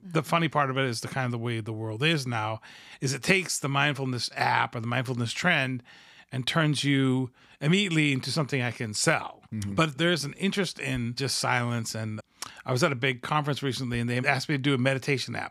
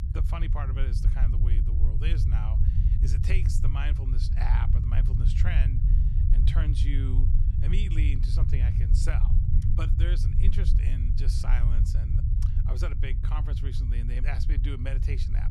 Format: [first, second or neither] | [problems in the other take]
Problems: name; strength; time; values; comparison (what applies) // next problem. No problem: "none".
first | low rumble; loud; throughout; 2 dB below the speech